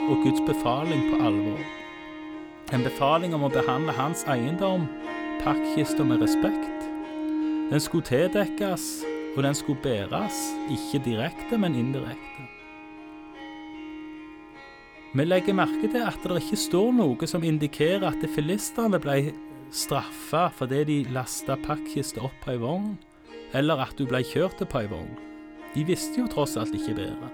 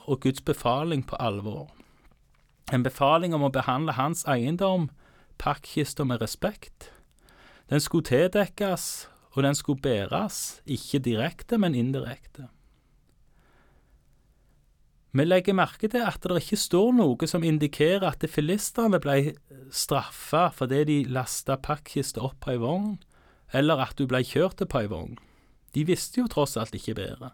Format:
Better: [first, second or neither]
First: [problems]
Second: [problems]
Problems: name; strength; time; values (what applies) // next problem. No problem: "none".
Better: second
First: background music; loud; throughout; 4 dB below the speech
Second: none